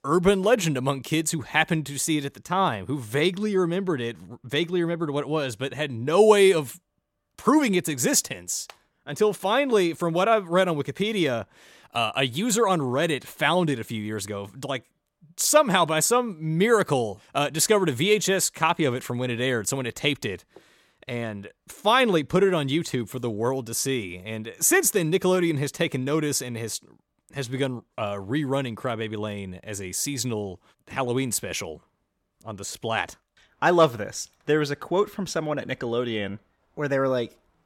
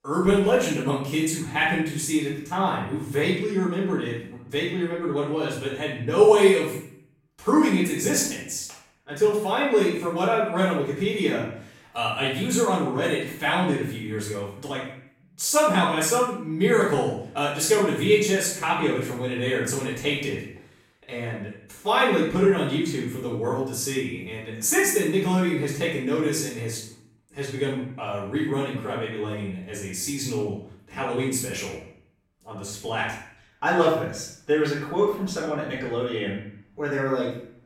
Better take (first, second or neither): first